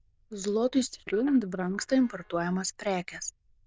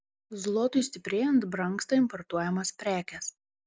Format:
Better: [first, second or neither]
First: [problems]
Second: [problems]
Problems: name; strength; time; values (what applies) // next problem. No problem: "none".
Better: second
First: noise reduction (neural diffusion model UNIVERSE++)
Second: none